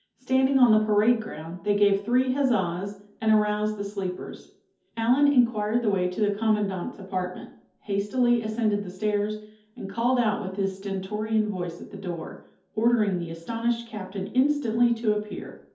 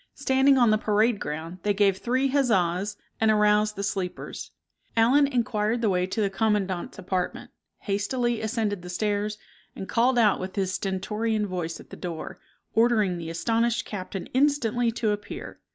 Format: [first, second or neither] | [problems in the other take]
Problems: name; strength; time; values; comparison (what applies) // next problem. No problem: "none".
second | room echo; dies away in 0.5 s